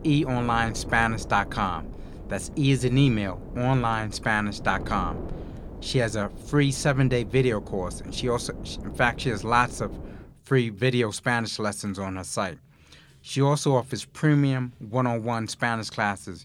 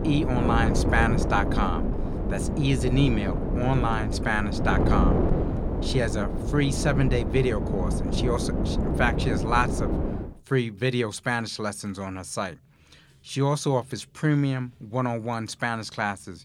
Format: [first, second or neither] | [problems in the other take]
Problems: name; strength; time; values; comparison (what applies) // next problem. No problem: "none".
first | wind noise on the microphone; heavy; until 10 s; 4 dB below the speech; occasional gusts in the first